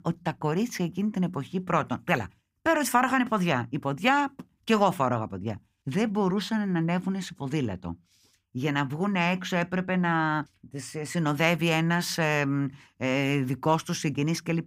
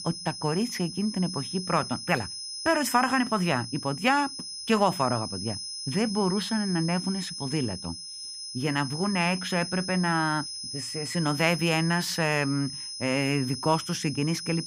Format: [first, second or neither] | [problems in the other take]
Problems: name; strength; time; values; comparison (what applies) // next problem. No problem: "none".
first | high-pitched whine; loud; throughout; 5 kHz, 7 dB below the speech